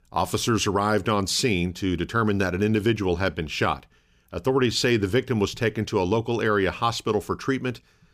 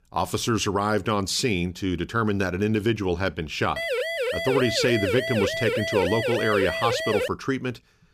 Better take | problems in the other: first | siren; noticeable; from 4 to 7.5 s; peak 1 dB below the speech

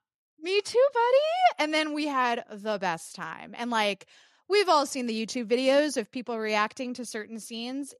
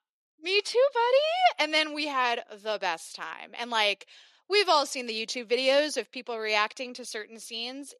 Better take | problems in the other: first | thin; very slightly; fading below 400 Hz

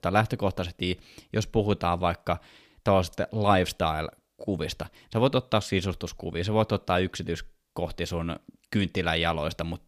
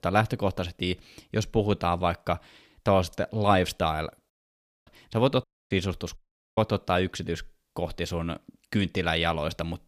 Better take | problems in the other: first | audio cutting out; at 4.5 s for 0.5 s, at 5.5 s and at 6 s

